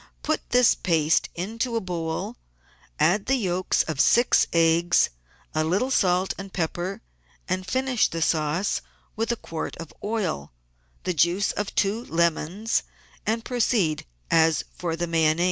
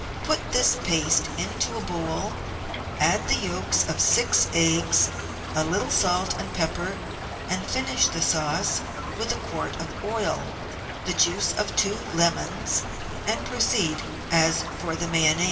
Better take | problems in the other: first | background sound (Stream / Trickle, dribble); 6 dB below the speech // room echo; dies away in 2.9 s

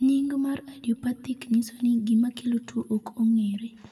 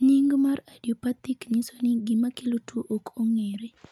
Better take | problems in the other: second | room echo; dies away in 1.3 s

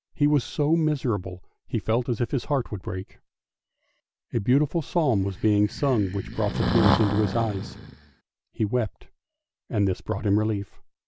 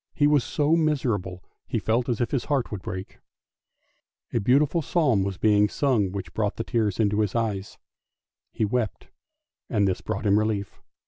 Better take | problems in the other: second | background sound (Breathing); 3 dB below the speech

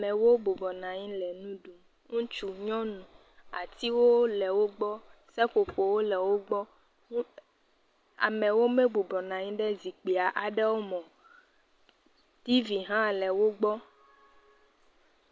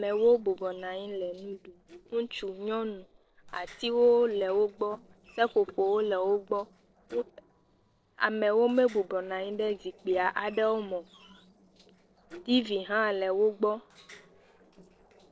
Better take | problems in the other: first | noise reduction (neural separator model SepFormer DNS4)

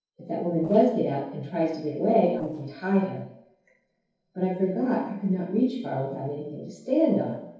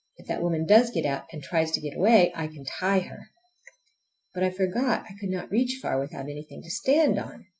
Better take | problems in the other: second | noise reduction (neural separator model SepFormer DNS4)

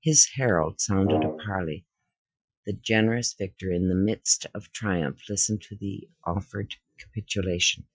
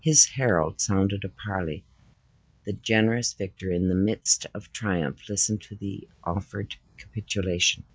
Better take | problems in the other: second | noise reduction (classical method Wiener filter)

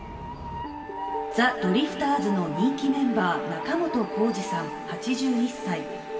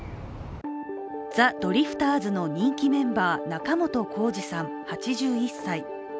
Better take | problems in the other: second | background sound (Train); 13 dB below the speech // room echo; dies away in 2.5 s

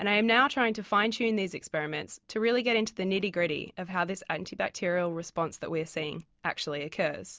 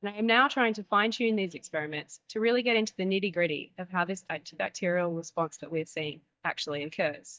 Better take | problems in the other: first | noise reduction (neural mask model DeepFilterNet 3)

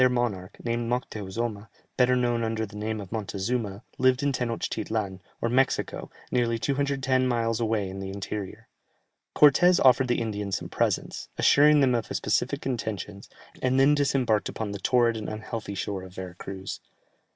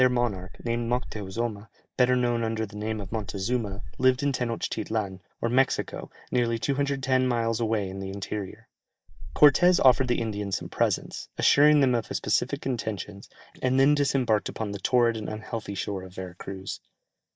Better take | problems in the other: first | noise reduction (neural mask model DeepFilterNet 3)

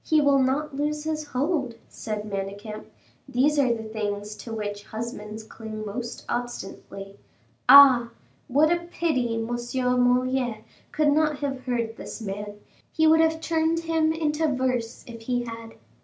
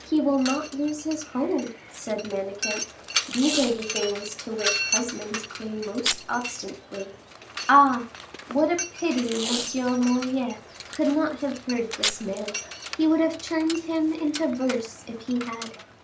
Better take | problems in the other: first | background sound (Packing tape, duct tape + Mechanisms); 7 dB below the speech

